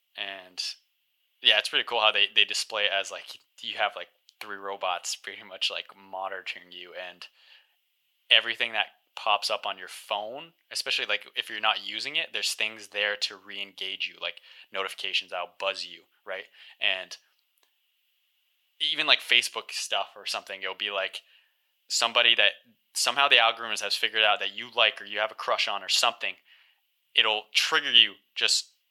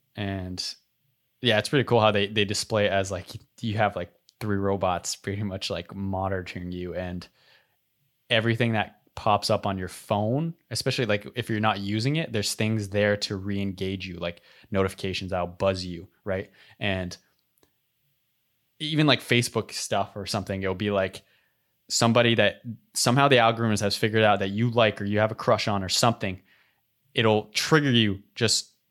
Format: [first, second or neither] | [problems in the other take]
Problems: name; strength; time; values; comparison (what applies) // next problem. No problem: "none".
second | thin; very; fading below 850 Hz